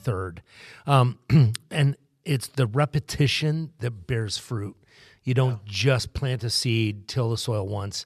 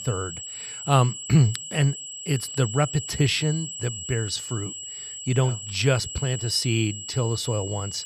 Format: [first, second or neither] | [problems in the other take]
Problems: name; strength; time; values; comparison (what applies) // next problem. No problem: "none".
first | high-pitched whine; loud; throughout; 8 kHz, 8 dB below the speech